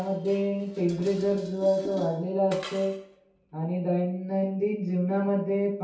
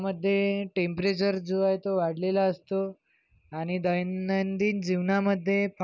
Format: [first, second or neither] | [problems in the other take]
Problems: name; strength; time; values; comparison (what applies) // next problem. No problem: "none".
second | background sound (Dishes, pots, and pans); 20 dB below the speech // room echo; dies away in 0.6 s